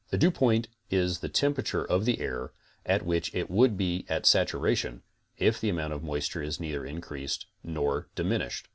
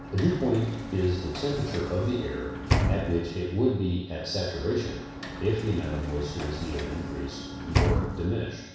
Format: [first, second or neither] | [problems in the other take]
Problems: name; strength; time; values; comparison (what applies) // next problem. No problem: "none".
first | background sound (Sliding door / Slam); 3 dB below the speech // room echo; dies away in 1.1 s